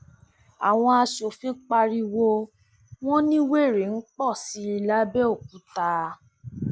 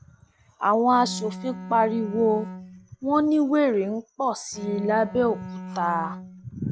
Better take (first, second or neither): first